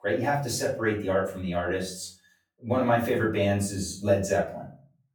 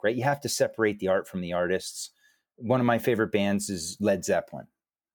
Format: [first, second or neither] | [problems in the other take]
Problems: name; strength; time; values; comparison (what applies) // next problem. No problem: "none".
second | room echo; slight; dies away in 0.4 s // off-mic speech; far